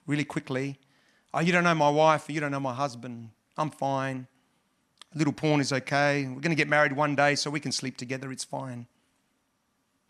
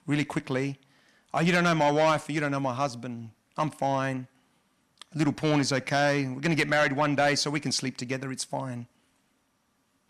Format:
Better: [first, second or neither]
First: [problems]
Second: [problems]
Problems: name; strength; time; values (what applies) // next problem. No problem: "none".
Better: first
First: none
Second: distortion; slight; 10 dB below the speech